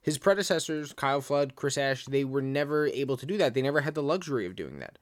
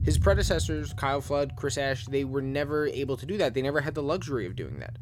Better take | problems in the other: first | low rumble; faint; throughout; 20 dB below the speech

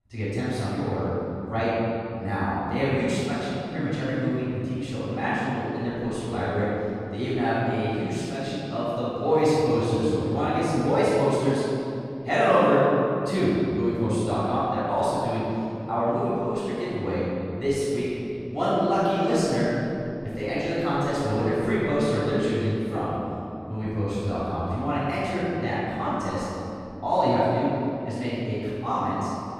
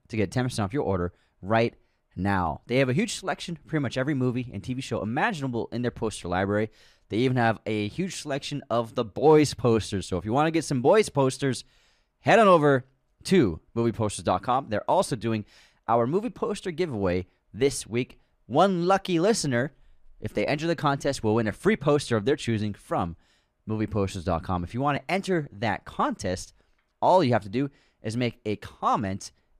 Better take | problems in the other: second | off-mic speech; far // room echo; strong; dies away in 2.8 s

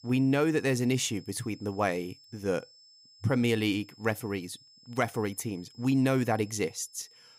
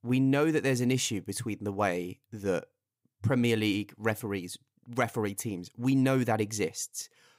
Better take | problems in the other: second | high-pitched whine; faint; throughout; 5 kHz, 25 dB below the speech

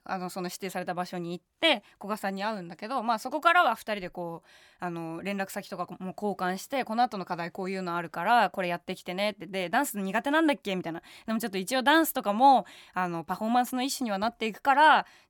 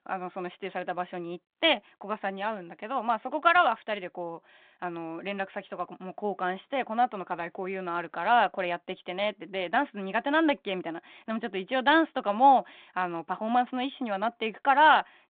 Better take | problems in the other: first | phone-call audio

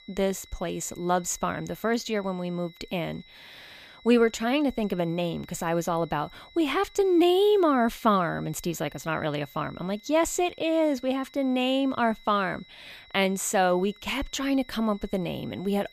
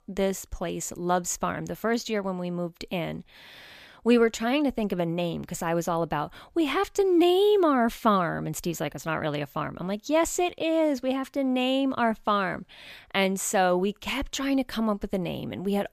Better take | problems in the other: second | high-pitched whine; faint; throughout; 4 kHz, 25 dB below the speech

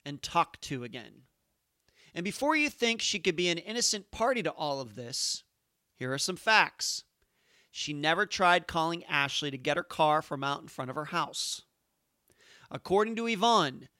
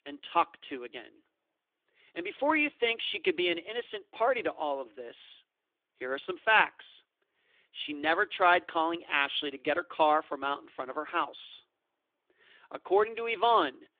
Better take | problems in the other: first | phone-call audio

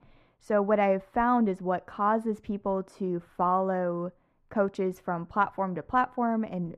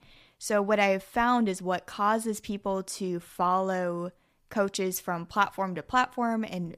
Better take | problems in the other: second | muffled; very; fading above 2.5 kHz

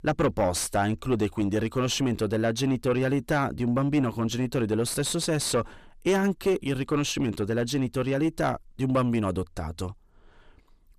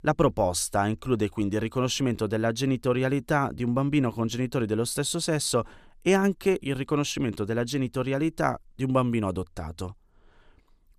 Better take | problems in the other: second | distortion; slight; 10 dB below the speech

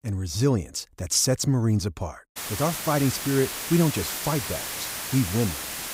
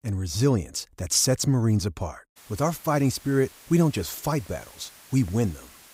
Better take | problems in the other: second | hiss; loud; from 2.5 s on; 5 dB below the speech; faint in the second

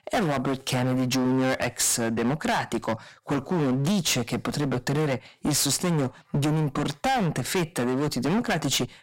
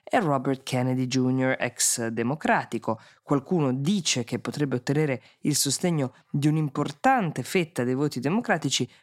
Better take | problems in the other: second | distortion; heavy; 26% of the sound clipped

